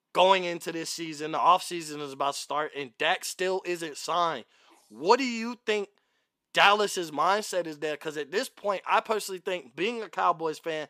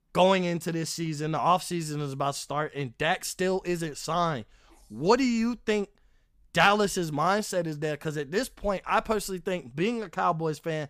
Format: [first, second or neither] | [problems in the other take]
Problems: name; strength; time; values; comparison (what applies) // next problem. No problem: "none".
second | thin; somewhat; fading below 350 Hz